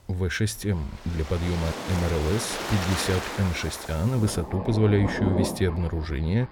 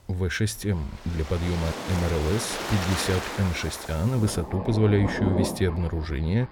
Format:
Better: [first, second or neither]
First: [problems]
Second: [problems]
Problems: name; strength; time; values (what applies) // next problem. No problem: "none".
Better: neither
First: rain or running water; loud; throughout; 6 dB below the speech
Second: rain or running water; loud; throughout; 6 dB below the speech